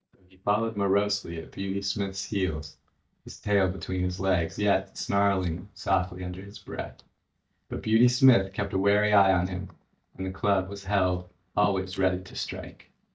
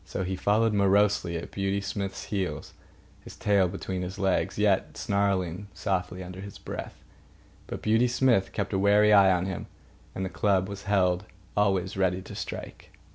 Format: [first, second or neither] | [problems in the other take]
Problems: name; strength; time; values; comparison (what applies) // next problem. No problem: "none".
second | noise reduction (neural mask model DeepFilterNet 3)